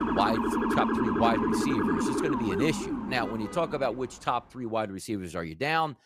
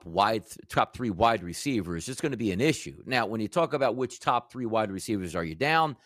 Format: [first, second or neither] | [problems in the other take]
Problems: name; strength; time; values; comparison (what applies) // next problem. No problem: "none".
second | siren; loud; until 4 s; peak 4 dB above the speech